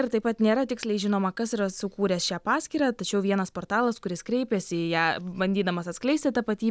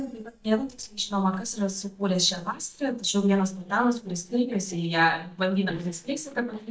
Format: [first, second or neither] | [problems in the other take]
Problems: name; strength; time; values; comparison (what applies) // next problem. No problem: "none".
first | noise reduction (neural mask model DeepFilterNet 3)